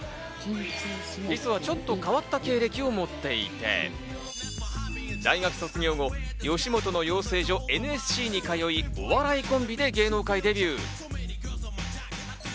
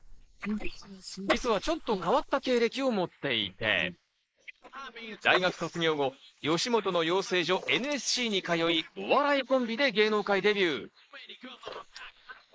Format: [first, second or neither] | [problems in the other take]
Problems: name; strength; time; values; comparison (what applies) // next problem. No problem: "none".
first | noise reduction (neural mask model Resemble Enhance denoiser)